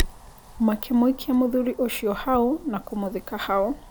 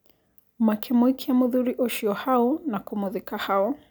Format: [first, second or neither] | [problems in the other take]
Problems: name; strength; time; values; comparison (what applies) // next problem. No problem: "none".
second | background sound (Wind); 11 dB below the speech